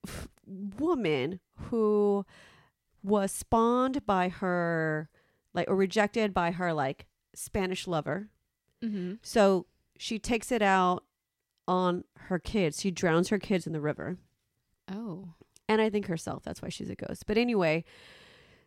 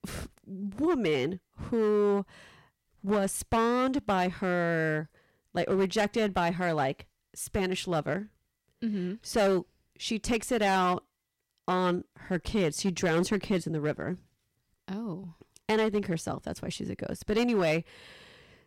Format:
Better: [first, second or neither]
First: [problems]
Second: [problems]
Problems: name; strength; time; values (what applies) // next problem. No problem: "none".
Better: first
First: none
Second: distortion; slight; 6% of the sound clipped